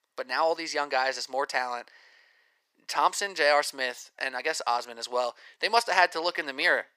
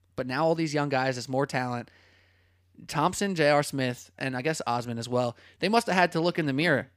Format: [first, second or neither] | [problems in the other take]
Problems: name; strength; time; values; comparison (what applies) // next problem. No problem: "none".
second | thin; very; fading below 500 Hz